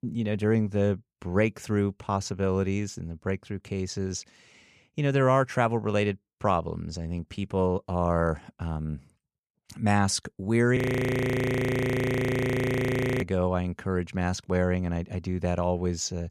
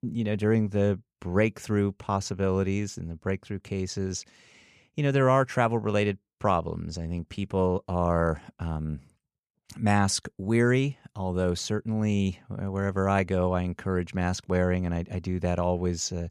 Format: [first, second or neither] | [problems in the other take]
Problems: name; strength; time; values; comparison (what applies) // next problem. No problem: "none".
second | audio freezing; at 11 s for 2.5 s